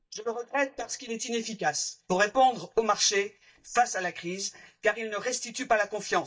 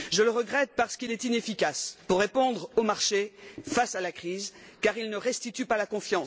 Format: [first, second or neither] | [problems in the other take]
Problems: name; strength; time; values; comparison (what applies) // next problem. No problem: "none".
second | noise reduction (neural mask model DeepFilterNet 3)